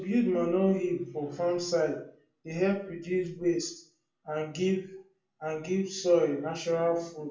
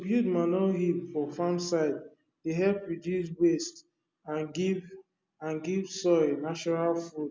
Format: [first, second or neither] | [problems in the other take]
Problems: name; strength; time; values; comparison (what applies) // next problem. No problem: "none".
second | room echo; dies away in 0.3 s